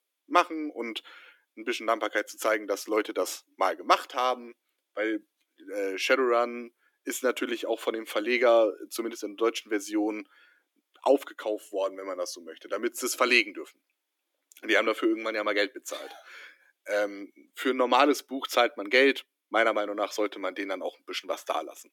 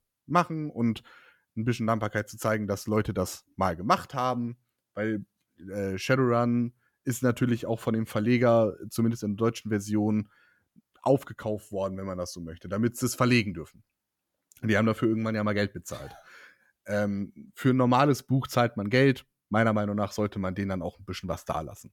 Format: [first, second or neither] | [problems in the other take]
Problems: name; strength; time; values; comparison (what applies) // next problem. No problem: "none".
second | thin; somewhat; fading below 300 Hz